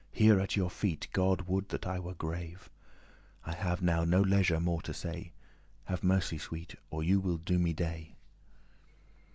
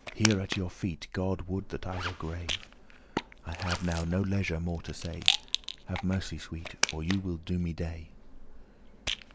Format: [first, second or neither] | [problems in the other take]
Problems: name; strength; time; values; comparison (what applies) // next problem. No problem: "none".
first | background sound (Zipper (clothing) + Rattle); 4 dB below the speech